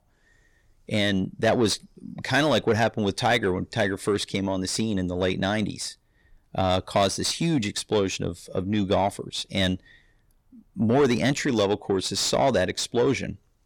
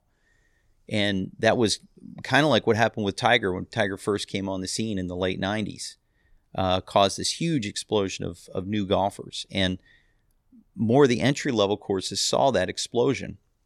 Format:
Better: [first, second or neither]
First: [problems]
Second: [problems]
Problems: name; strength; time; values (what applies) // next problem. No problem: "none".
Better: second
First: distortion; slight; 10 dB below the speech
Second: none